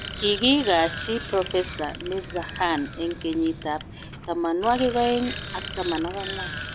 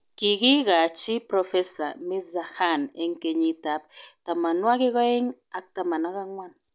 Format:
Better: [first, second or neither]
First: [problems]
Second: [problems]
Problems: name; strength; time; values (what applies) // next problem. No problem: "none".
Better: second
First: background sound (Bicycle); 10 dB below the speech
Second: none